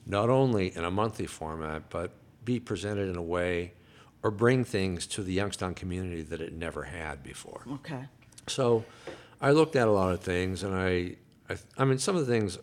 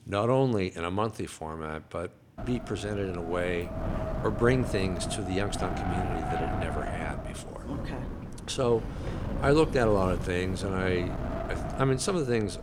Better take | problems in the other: first | wind noise on the microphone; heavy; from 2.5 s on; 7 dB below the speech

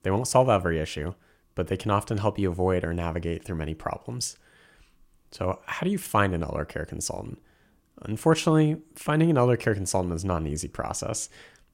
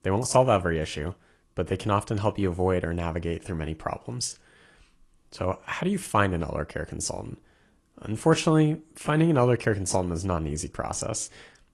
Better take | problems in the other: first | garbled, watery; slightly; nothing above 11 kHz

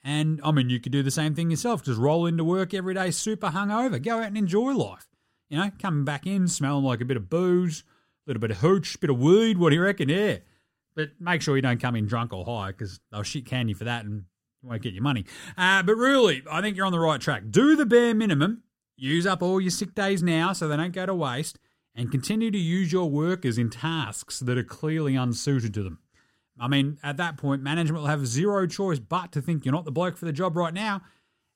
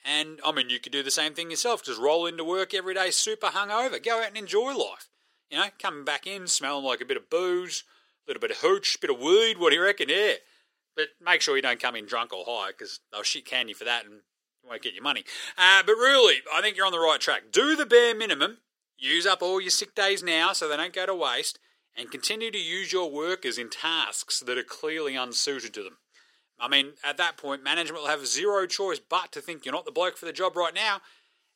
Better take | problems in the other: first | thin; very; fading below 400 Hz

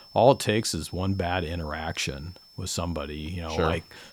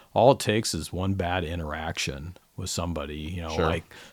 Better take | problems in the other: second | high-pitched whine; faint; throughout; 5.5 kHz, 25 dB below the speech

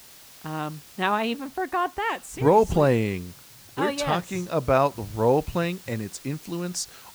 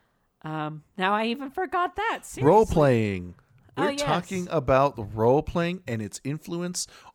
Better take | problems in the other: second | hiss; faint; throughout; 20 dB below the speech

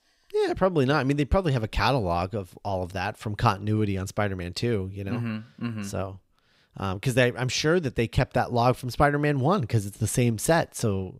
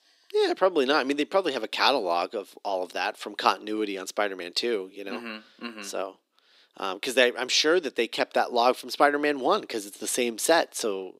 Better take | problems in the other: first | thin; somewhat; fading below 300 Hz

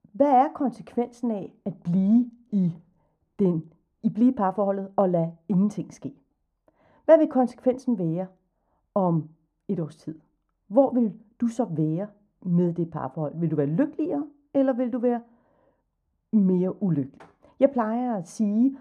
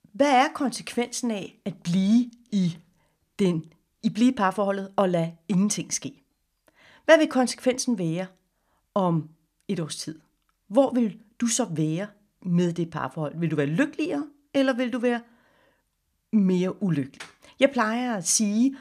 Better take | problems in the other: second | muffled; very; fading above 1.5 kHz

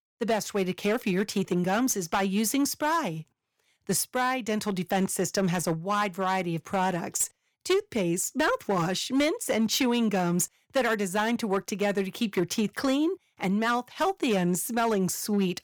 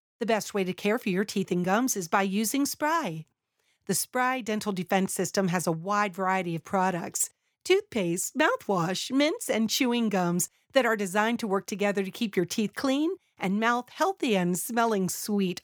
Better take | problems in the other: second | distortion; slight; 5% of the sound clipped

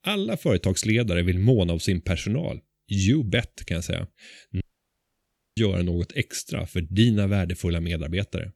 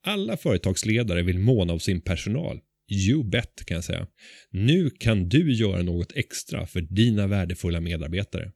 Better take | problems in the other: second | audio cutting out; at 4.5 s for 1 s

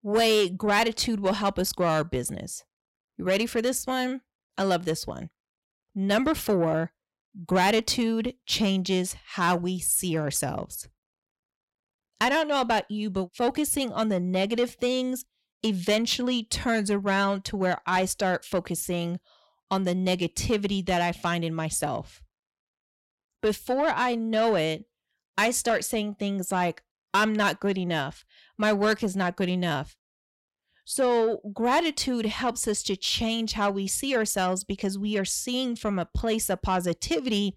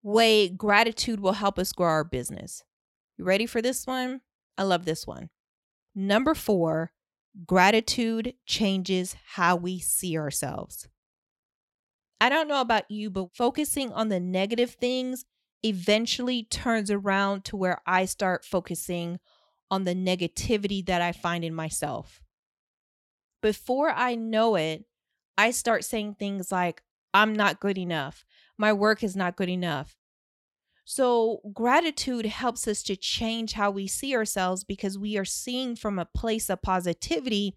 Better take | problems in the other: second | distortion; slight; 10 dB below the speech

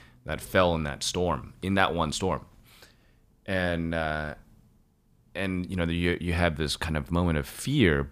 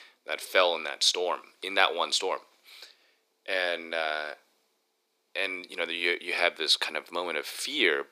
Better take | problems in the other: first | thin; very; fading below 350 Hz

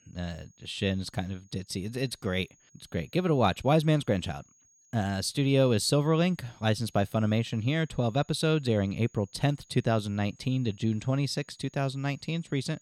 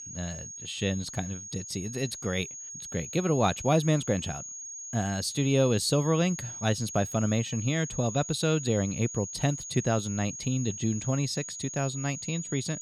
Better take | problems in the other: first | high-pitched whine; loud; throughout; 6.5 kHz, 8 dB below the speech; faint in the first

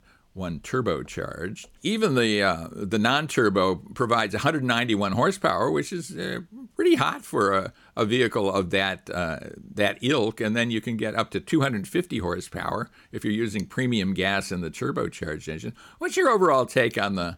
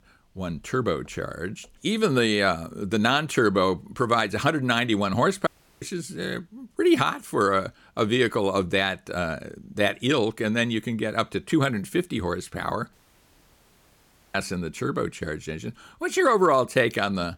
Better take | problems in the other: first | audio cutting out; at 5.5 s and at 13 s for 1.5 s

